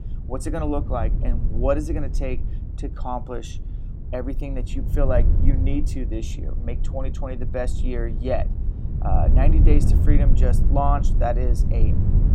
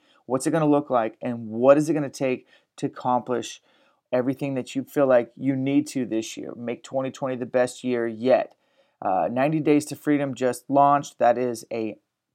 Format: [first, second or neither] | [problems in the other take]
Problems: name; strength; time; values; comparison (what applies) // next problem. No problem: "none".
second | low rumble; noticeable; throughout; 10 dB below the speech